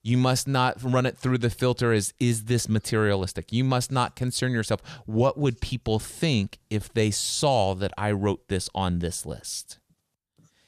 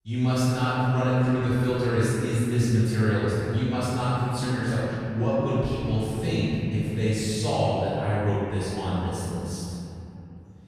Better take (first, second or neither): first